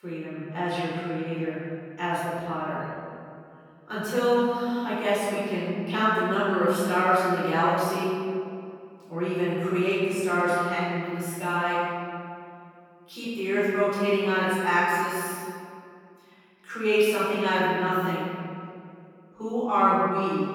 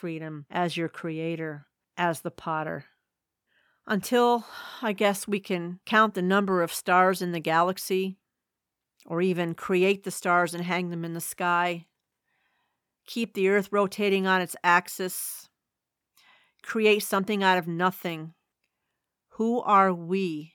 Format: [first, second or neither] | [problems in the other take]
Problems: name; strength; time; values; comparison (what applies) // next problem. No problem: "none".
second | off-mic speech; far // room echo; strong; dies away in 2.1 s